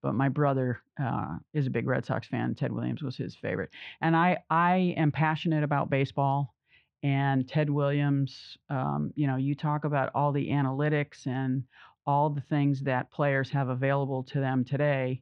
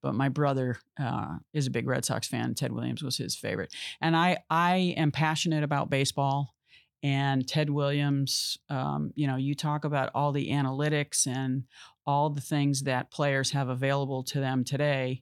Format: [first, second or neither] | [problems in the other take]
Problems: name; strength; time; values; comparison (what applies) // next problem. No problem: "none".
second | muffled; very; fading above 2.5 kHz